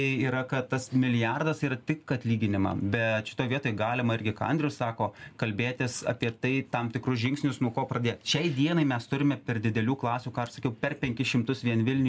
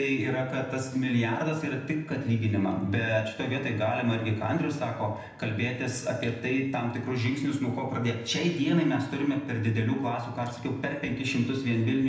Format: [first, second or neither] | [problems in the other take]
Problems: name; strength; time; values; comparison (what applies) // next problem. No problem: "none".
first | room echo; dies away in 0.8 s